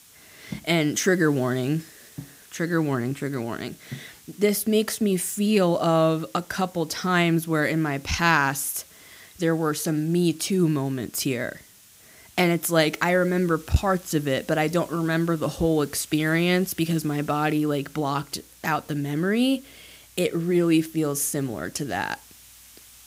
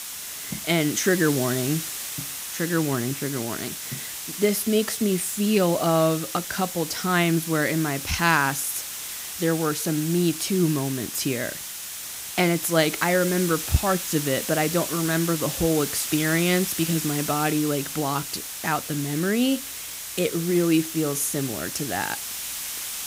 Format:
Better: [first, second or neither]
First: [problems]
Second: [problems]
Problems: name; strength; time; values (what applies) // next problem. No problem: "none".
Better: first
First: hiss; faint; throughout; 25 dB below the speech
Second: hiss; loud; throughout; 6 dB below the speech